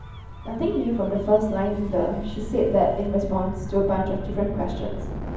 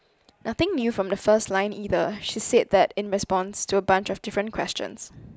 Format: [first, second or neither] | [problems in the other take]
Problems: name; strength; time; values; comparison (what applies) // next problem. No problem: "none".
second | background sound (Gull, seagull / Waves, surf / Siren); 8 dB below the speech // room echo; dies away in 1.2 s